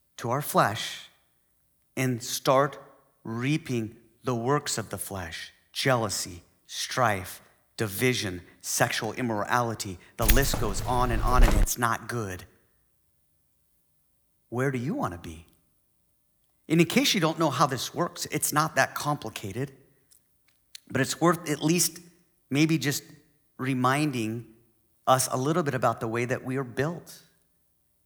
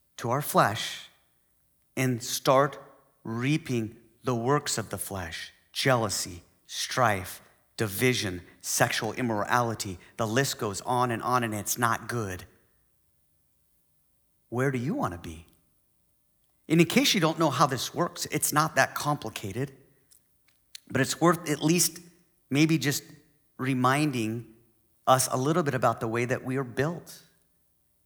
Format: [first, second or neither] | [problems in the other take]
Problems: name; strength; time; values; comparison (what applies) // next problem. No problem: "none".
second | jangling keys; loud; from 10 to 12 s; peak 2 dB above the speech